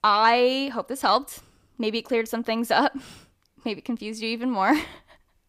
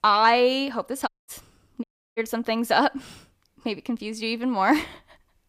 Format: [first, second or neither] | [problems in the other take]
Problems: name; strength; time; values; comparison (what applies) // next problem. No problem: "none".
first | audio cutting out; at 1 s and at 2 s